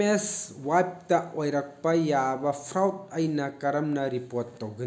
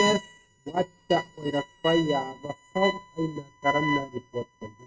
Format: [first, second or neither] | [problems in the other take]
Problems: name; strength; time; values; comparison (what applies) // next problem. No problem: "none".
first | noise reduction (neural mask model RNNoise)